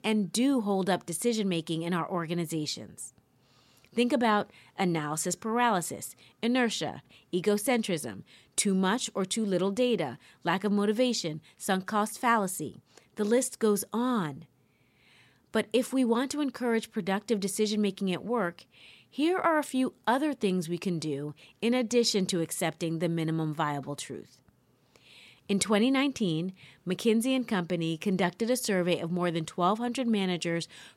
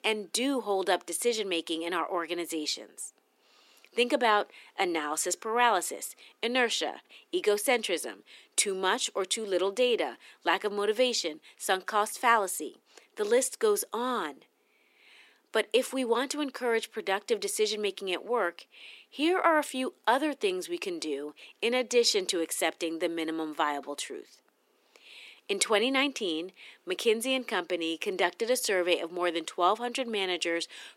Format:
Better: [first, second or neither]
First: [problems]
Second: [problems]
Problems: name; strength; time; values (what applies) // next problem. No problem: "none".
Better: first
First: none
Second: thin; somewhat; fading below 300 Hz